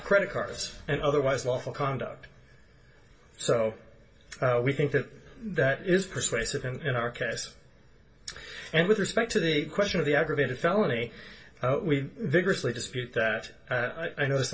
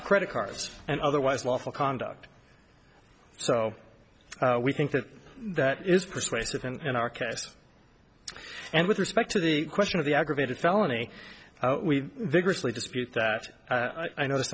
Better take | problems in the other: second | room echo; dies away in 0.2 s

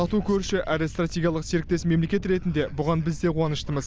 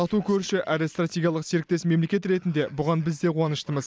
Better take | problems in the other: second | background sound (Thunder); 12 dB below the speech

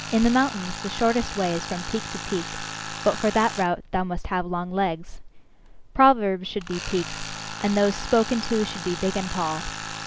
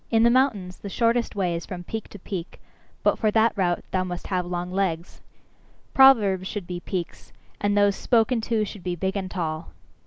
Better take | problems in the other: second | background sound (Tools); 11 dB below the speech

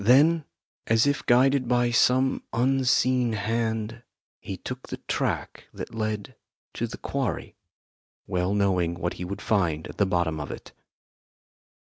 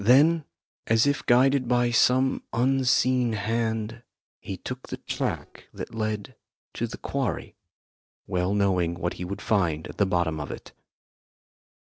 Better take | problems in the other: first | noise reduction (neural separator model SepFormer DNS4)

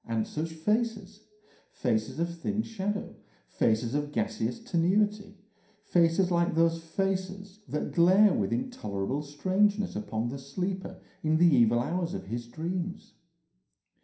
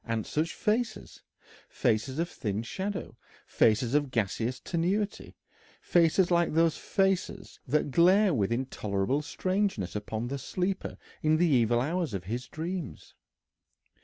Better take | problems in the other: second | room echo; dies away in 0.5 s

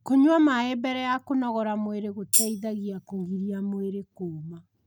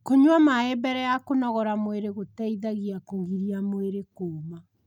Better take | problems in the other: second | background sound (Tambourine); 2 dB below the speech

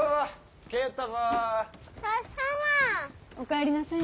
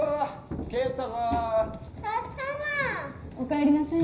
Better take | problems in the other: first | background sound (Thunder / Rain); 14 dB below the speech // room echo; dies away in 0.5 s

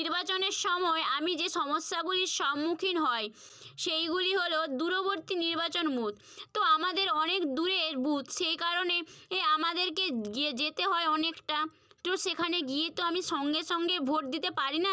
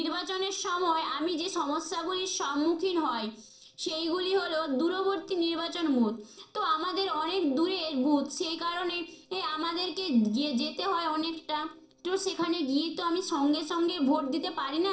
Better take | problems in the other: first | noise reduction (neural separator model SepFormer DNS4)

